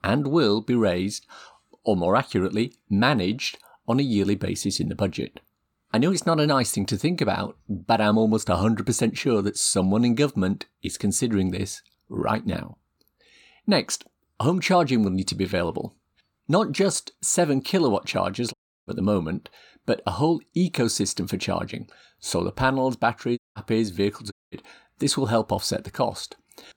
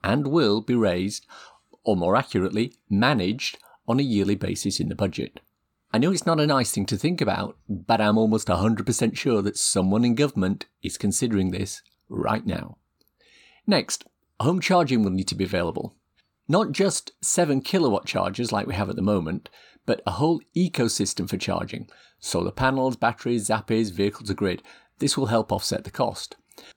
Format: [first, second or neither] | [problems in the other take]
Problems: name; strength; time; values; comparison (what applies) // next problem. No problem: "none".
second | audio cutting out; at 19 s, at 23 s and at 24 s